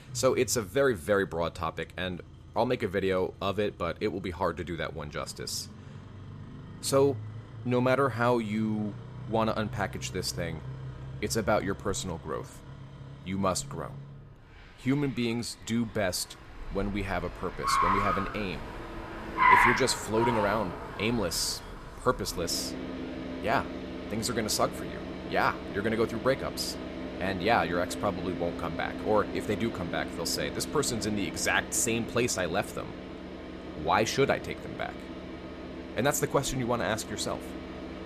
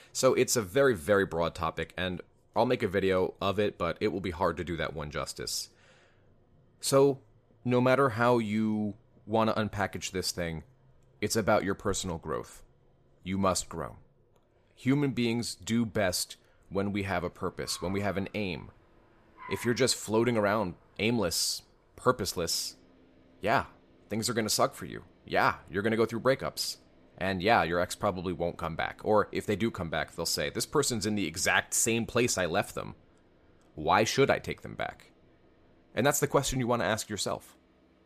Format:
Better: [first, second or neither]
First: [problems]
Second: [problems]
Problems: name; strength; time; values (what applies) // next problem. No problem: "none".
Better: second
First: traffic noise; loud; throughout; 5 dB below the speech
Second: traffic noise; faint; throughout; 30 dB below the speech